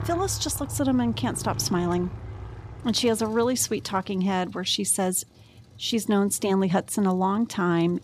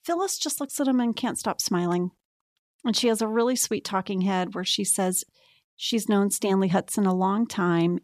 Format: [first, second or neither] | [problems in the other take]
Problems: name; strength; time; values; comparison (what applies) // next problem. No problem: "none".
second | traffic noise; noticeable; throughout; 15 dB below the speech